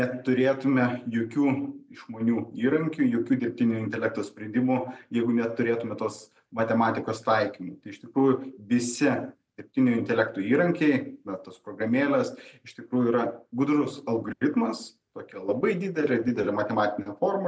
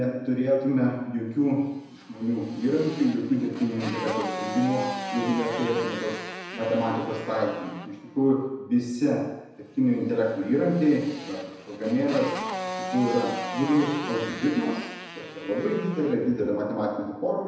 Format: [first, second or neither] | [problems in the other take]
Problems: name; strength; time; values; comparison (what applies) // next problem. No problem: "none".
first | background sound (Motorcycle); 11 dB below the speech // room echo; dies away in 1 s